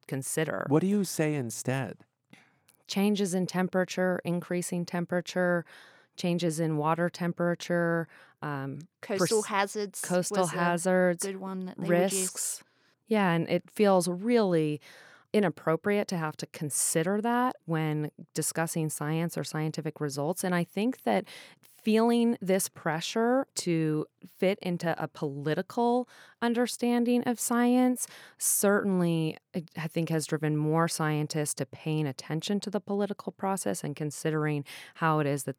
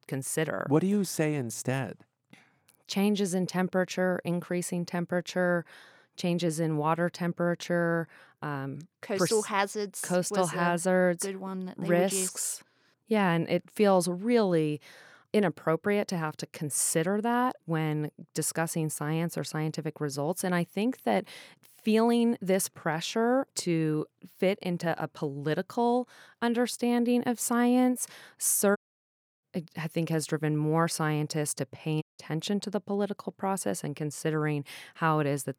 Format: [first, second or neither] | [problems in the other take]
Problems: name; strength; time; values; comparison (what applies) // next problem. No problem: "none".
first | audio cutting out; at 29 s for 0.5 s and at 32 s